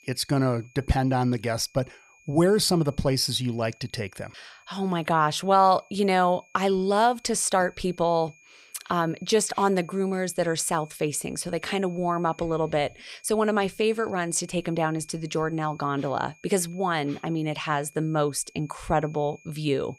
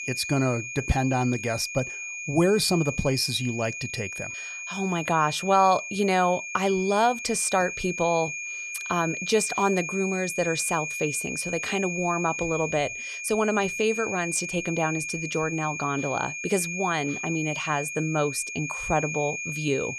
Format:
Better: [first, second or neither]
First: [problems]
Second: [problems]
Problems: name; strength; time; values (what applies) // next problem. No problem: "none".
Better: first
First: high-pitched whine; faint; throughout; 2.5 kHz, 30 dB below the speech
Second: high-pitched whine; loud; throughout; 2.5 kHz, 5 dB below the speech